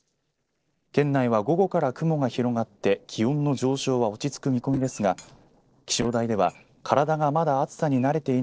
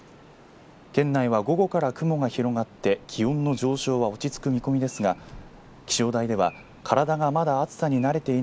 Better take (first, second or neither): second